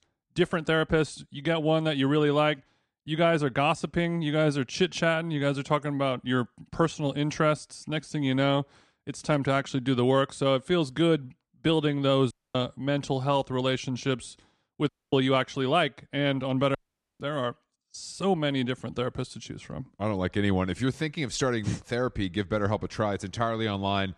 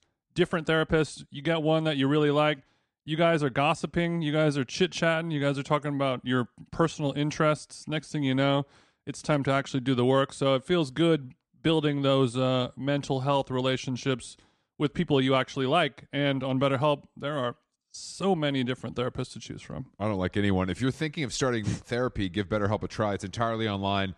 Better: second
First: audio cutting out; at 12 s, at 15 s and at 17 s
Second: none

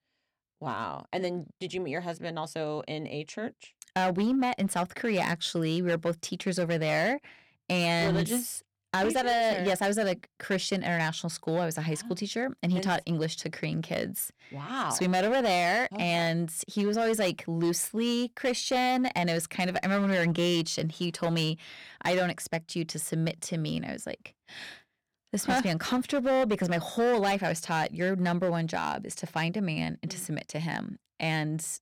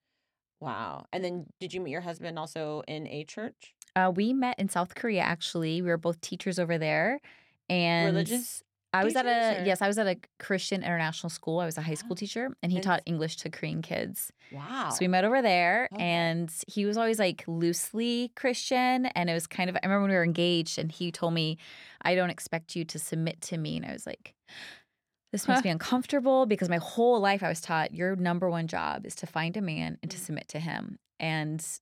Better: second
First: distortion; slight; 7% of the sound clipped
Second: none

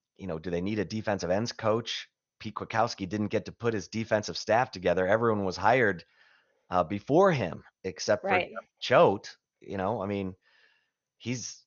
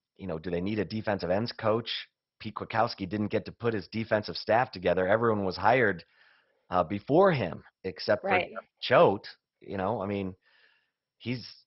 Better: first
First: garbled, watery; slightly; nothing above 6.5 kHz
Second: garbled, watery; badly; nothing above 5.5 kHz

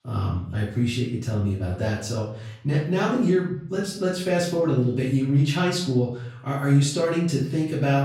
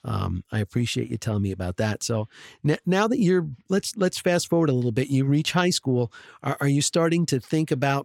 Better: second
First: off-mic speech; far // room echo; noticeable; dies away in 0.5 s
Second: none

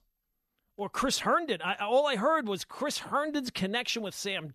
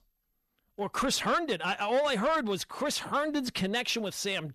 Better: first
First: none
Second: distortion; slight; 10 dB below the speech

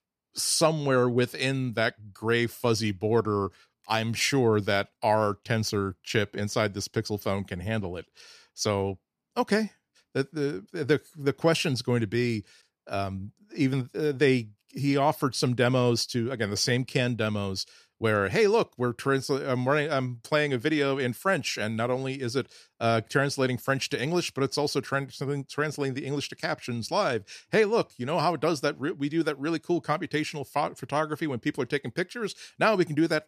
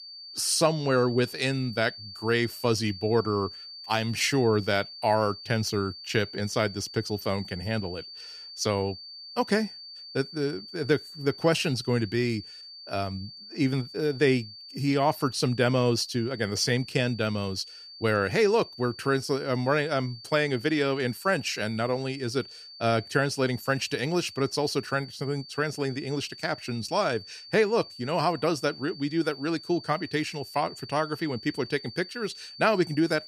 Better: first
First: none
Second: high-pitched whine; noticeable; throughout; 4.5 kHz, 15 dB below the speech

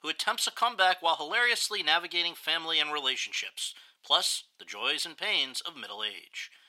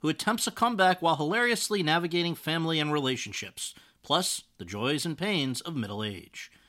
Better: second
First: thin; very; fading below 700 Hz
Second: none

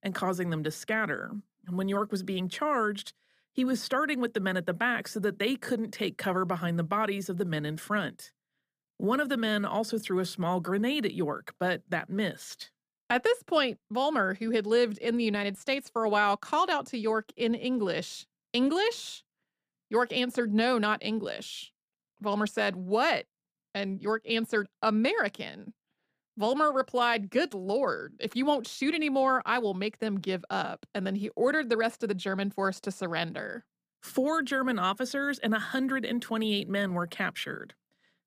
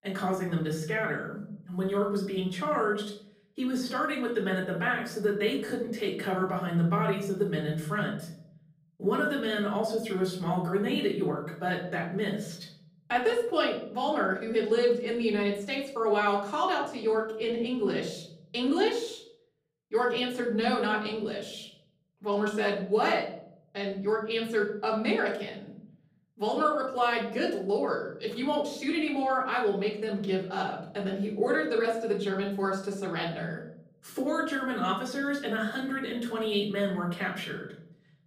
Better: first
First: none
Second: room echo; slight; dies away in 0.9 s // off-mic speech; far

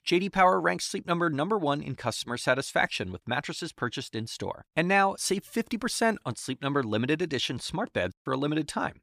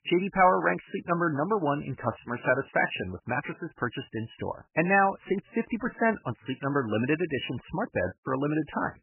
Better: first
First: none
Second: garbled, watery; badly; nothing above 3 kHz

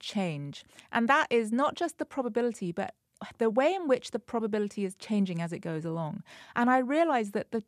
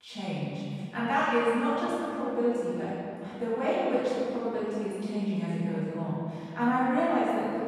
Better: first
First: none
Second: off-mic speech; far // room echo; strong; dies away in 2.4 s

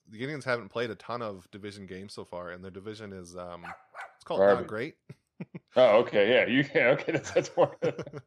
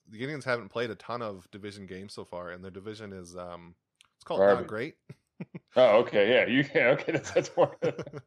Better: second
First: dog barking; faint; at 3.5 s; peak 15 dB below the speech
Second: none

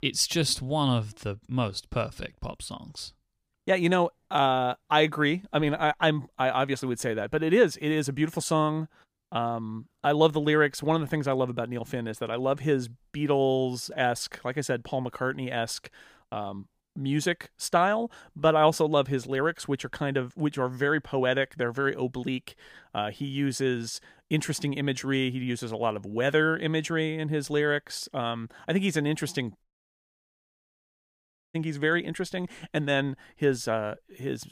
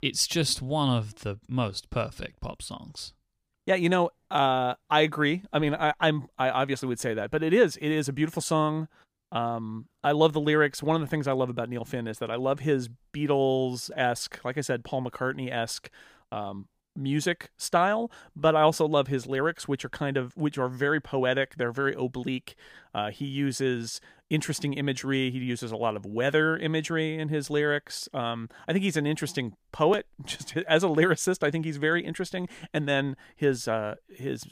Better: second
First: audio cutting out; at 30 s for 2 s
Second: none

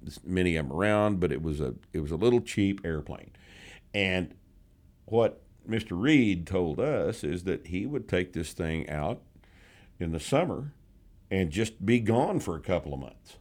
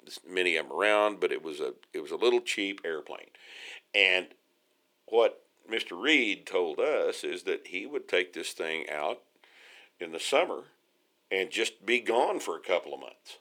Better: first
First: none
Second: thin; very; fading below 400 Hz

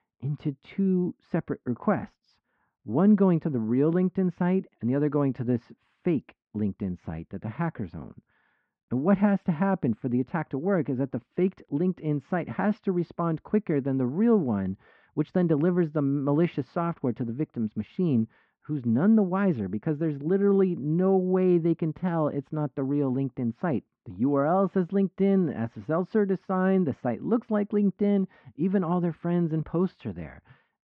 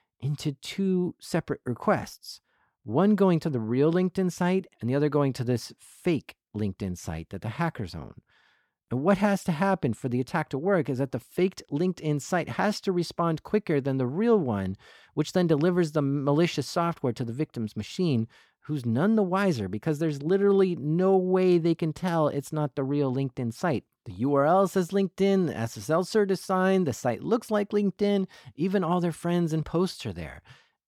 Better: second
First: muffled; very; fading above 2 kHz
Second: none

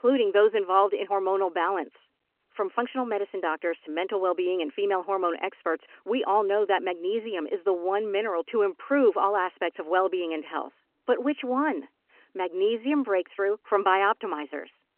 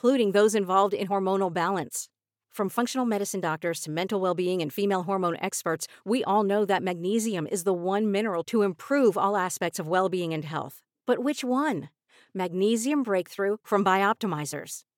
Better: second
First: phone-call audio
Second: none

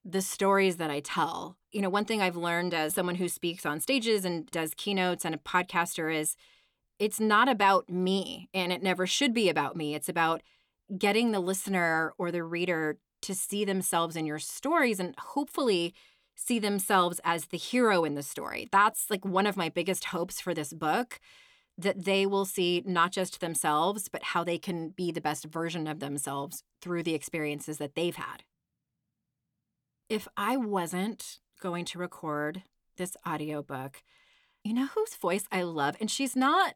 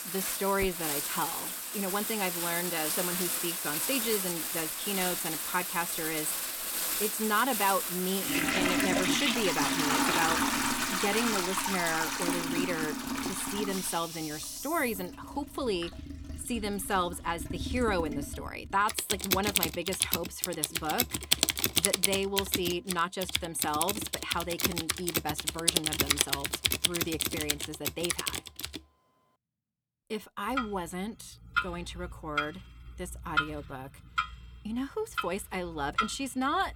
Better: first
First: none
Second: household noises; very loud; throughout; 3 dB above the speech

